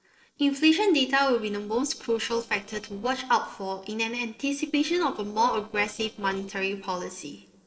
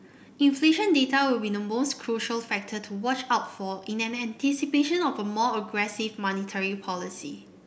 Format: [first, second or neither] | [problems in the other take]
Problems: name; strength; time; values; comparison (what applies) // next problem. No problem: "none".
second | noise reduction (neural separator model SepFormer DNS4)